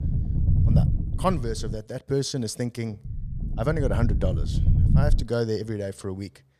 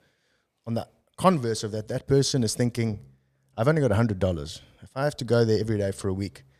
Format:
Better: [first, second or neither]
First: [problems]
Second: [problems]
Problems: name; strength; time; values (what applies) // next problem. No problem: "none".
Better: second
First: low rumble; loud; until 2 s and from 3 to 5 s; 7 dB below the speech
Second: none